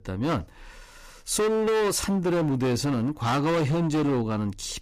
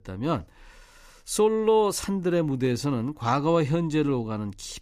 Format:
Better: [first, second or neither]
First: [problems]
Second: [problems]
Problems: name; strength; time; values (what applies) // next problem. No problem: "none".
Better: second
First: distortion; heavy; 21% of the sound clipped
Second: none